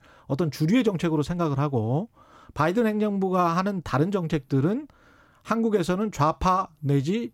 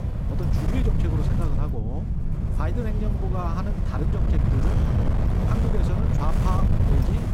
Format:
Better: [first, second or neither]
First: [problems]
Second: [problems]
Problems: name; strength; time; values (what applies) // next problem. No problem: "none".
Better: first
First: none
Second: wind noise on the microphone; heavy; 1 dB above the speech